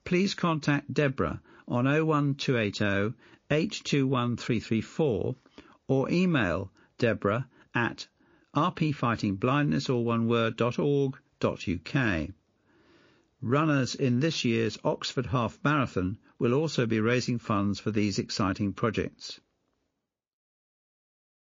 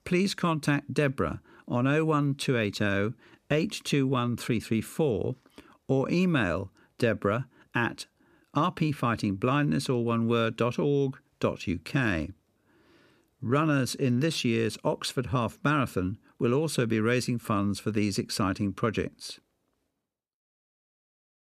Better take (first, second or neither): second